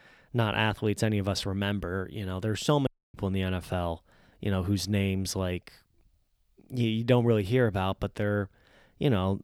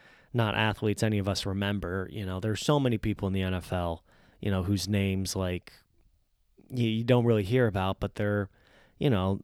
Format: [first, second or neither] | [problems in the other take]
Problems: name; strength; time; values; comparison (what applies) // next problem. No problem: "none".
second | audio cutting out; at 3 s